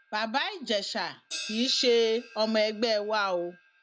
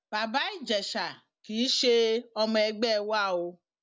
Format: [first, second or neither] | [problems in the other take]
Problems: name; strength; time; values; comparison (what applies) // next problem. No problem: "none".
second | background sound (Crash cymbal); 17 dB below the speech